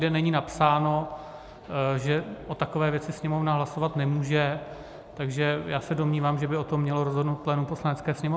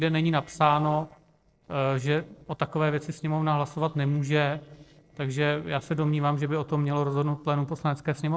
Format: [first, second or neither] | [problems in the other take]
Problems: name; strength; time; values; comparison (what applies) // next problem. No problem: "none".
first | noise reduction (neural separator model SepFormer DNS4)